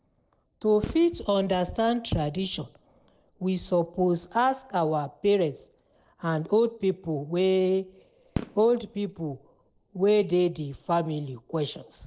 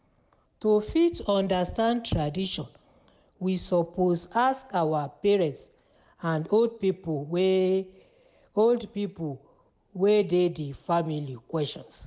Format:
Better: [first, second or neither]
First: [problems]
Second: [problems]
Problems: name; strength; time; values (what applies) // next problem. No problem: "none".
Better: second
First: noise reduction (neural separator model SepFormer DNS4)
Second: none